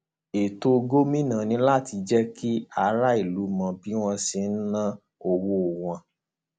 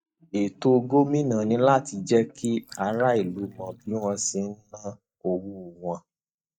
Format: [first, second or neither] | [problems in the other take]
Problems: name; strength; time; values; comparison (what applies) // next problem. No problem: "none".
first | noise reduction (neural mask model DeepFilterNet 3)